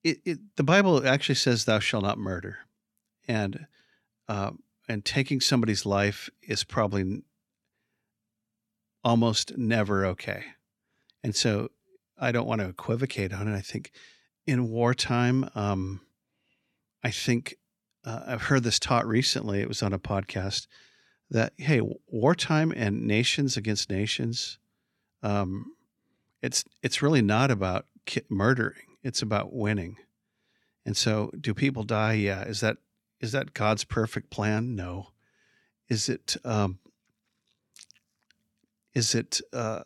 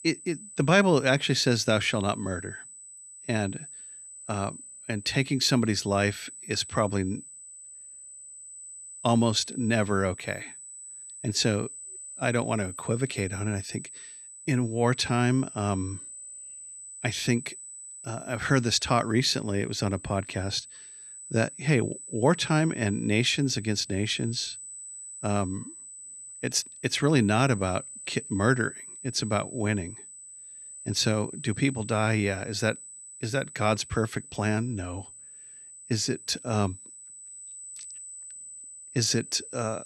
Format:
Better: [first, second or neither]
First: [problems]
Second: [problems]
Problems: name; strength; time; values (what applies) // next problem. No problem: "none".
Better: first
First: none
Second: high-pitched whine; noticeable; throughout; 8 kHz, 15 dB below the speech